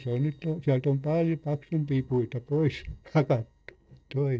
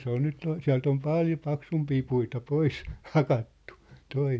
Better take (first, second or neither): second